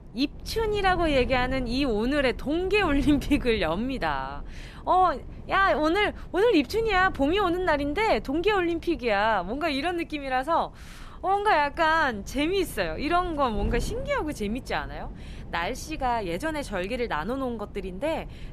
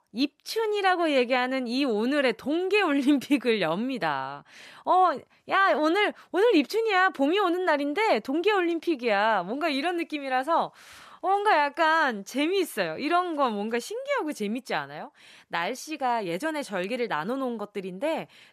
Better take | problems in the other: second | wind noise on the microphone; occasional gusts; 25 dB below the speech

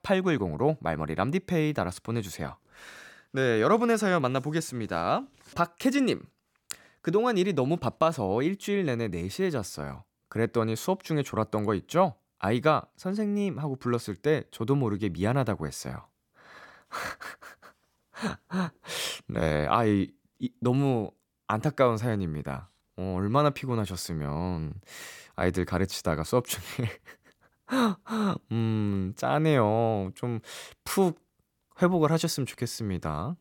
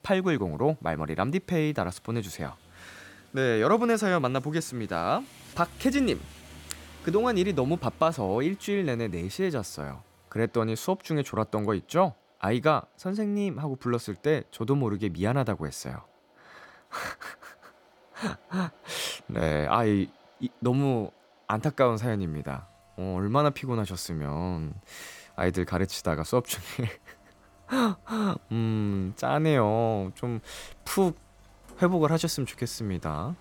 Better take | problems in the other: first | rain or running water; faint; throughout; 25 dB below the speech

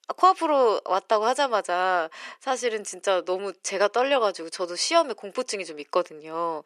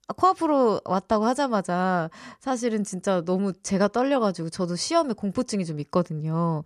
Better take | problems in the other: second | thin; very; fading below 350 Hz

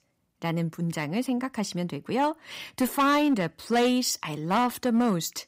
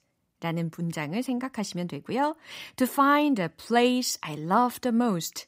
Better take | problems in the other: second | distortion; slight; 5% of the sound clipped

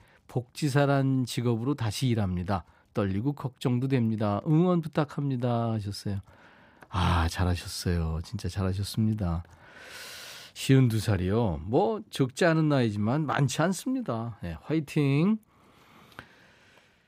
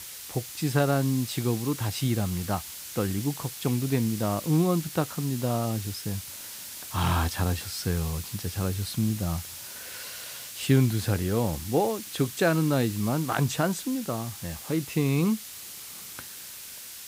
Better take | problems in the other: first | hiss; loud; throughout; 10 dB below the speech

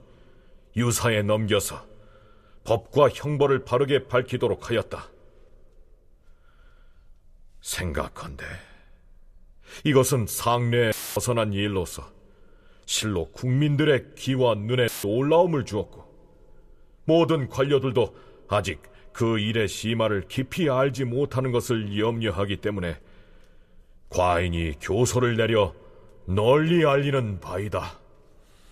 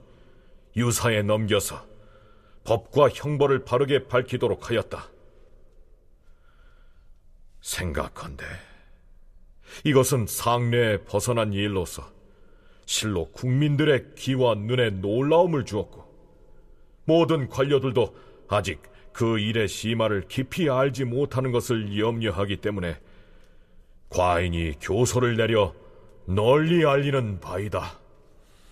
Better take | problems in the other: second | audio cutting out; filled with static; at 11 s and at 15 s

